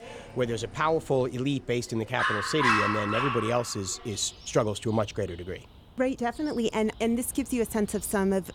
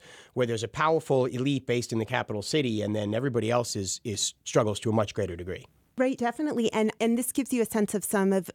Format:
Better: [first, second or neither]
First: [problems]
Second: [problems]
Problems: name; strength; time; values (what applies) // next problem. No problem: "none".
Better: second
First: animal sounds; very loud; throughout; 1 dB above the speech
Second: none